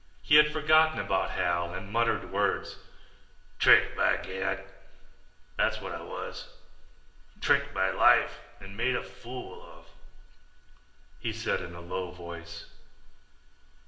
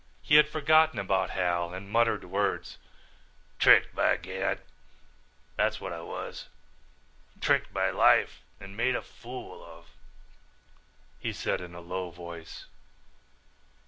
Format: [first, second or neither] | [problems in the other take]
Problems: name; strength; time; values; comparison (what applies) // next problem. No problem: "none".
second | room echo; dies away in 1.2 s